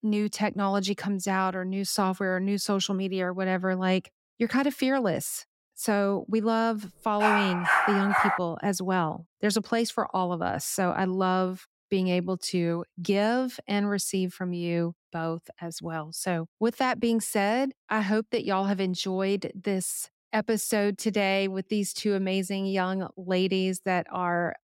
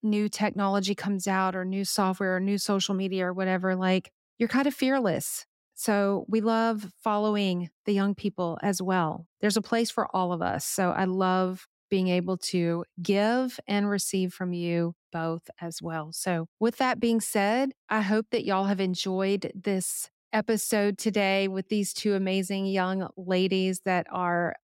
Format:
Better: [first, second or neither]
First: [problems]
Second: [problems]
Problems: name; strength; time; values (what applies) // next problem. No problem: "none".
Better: second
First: dog barking; loud; from 7 to 8.5 s; peak 4 dB above the speech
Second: none